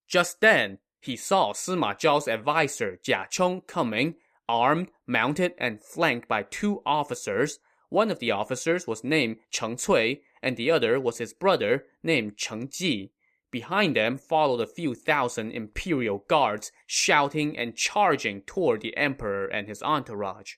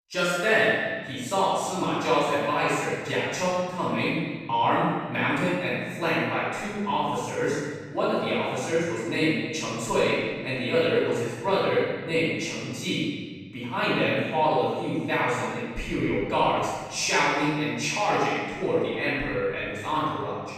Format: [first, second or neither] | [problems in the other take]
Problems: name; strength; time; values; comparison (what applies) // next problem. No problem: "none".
first | off-mic speech; far // room echo; strong; dies away in 1.6 s